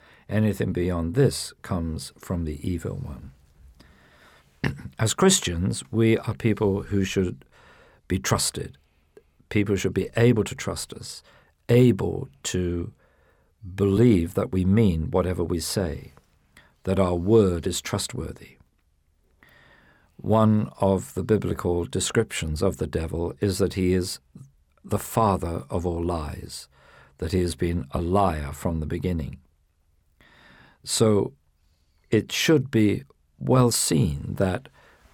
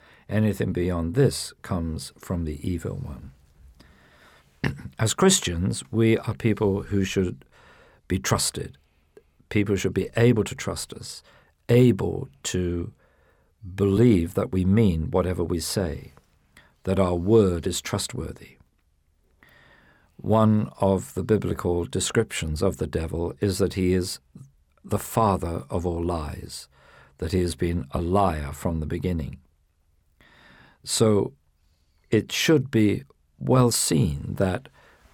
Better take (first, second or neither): neither